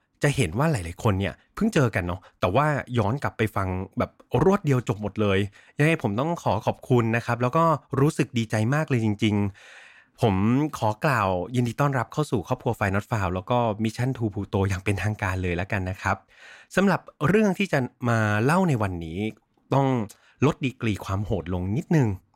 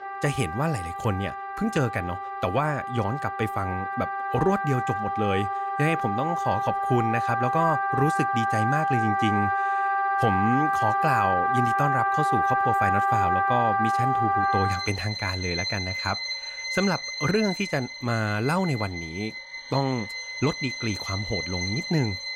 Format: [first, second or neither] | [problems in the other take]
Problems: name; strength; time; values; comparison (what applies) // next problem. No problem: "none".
first | background music; very loud; throughout; 1 dB above the speech